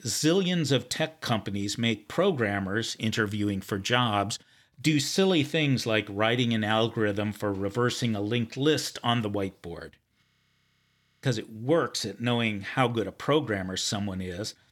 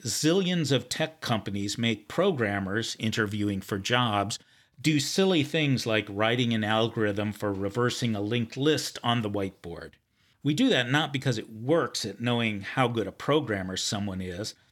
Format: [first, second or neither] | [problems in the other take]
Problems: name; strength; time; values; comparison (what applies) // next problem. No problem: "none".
second | audio freezing; at 10 s for 1 s